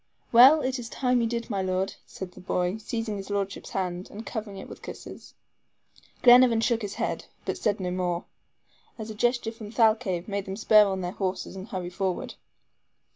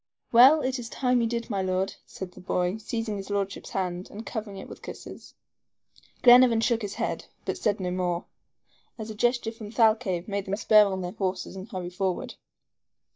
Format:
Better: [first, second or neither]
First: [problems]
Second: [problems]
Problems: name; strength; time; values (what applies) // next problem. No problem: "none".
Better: first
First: none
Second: noise reduction (neural mask model DeepFilterNet 3)